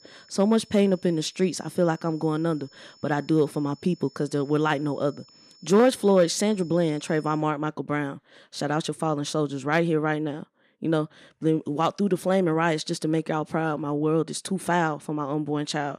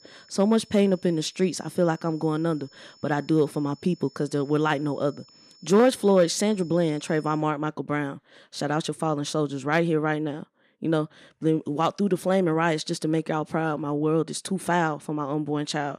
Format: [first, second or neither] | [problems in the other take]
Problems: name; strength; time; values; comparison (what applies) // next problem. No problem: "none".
neither | high-pitched whine; faint; until 7.5 s; 5.5 kHz, 25 dB below the speech; the same in both